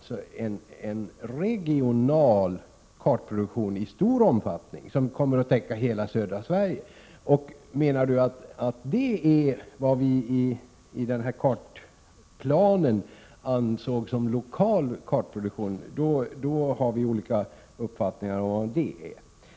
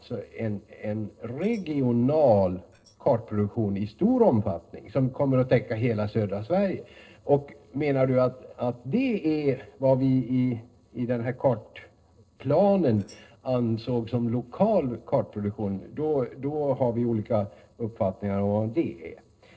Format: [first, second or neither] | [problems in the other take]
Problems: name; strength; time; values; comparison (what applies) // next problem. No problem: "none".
first | noise reduction (neural separator model SepFormer DNS4)